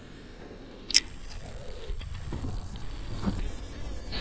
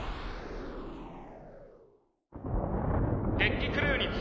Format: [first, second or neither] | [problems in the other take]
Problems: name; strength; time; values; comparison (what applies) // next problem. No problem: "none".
second | noise reduction (neural mask model DeepFilterNet 3)